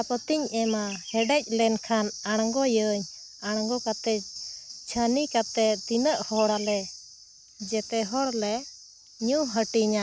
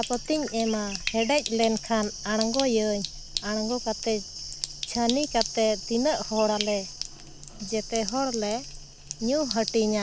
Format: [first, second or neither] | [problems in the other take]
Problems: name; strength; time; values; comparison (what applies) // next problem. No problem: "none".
first | background sound (Sink (filling or washing)); 11 dB below the speech